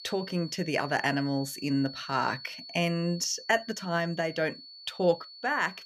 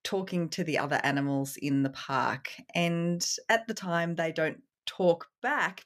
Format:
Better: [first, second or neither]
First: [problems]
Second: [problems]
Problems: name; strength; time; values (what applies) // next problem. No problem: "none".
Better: second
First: high-pitched whine; noticeable; throughout; 4.5 kHz, 15 dB below the speech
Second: none